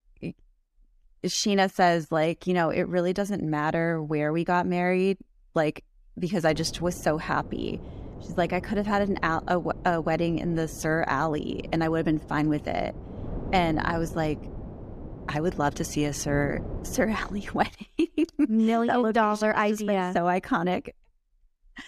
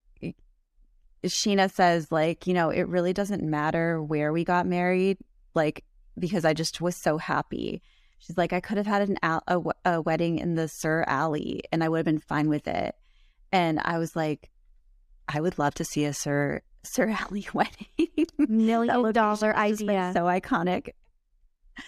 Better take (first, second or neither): second